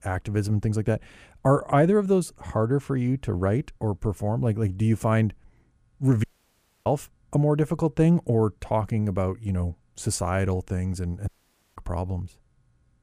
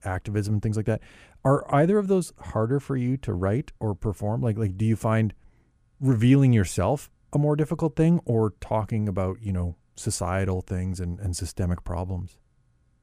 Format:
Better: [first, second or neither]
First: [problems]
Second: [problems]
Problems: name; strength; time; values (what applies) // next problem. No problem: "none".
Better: second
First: audio cutting out; at 6 s for 0.5 s and at 11 s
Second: none